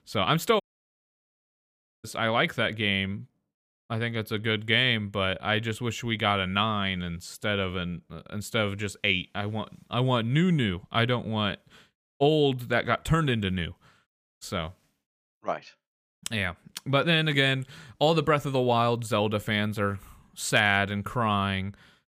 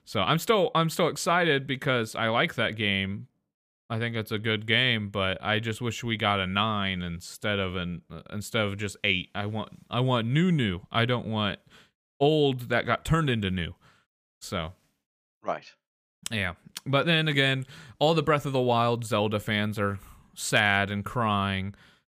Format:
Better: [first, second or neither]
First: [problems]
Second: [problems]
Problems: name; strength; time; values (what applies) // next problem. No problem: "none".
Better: second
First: audio cutting out; at 0.5 s for 1.5 s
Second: none